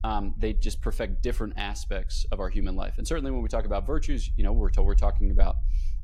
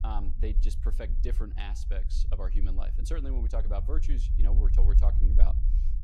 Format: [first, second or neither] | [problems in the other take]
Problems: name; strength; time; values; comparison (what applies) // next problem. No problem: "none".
first | low rumble; loud; throughout; 7 dB below the speech; faint in the first